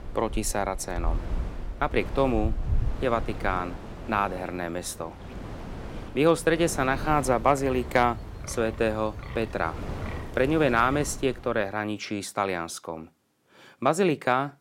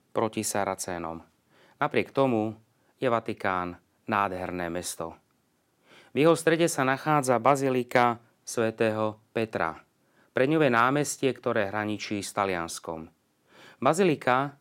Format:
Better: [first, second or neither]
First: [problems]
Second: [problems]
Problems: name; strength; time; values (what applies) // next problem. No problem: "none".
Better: second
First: wind in the background; noticeable; until 11 s; 10 dB below the speech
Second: none